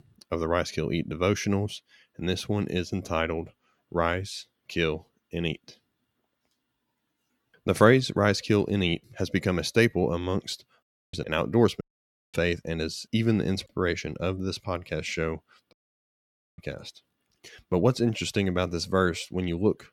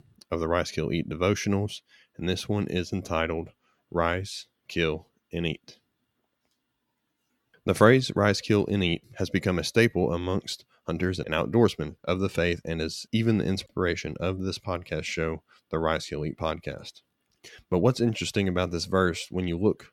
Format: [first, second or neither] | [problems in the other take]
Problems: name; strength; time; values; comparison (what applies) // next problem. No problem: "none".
second | audio cutting out; at 11 s, at 12 s for 0.5 s and at 16 s for 1 s